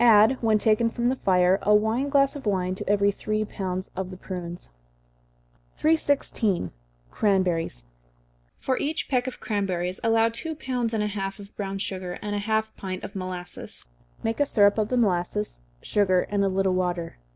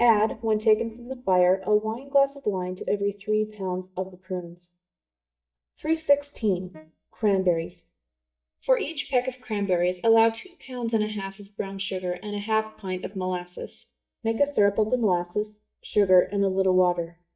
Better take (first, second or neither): first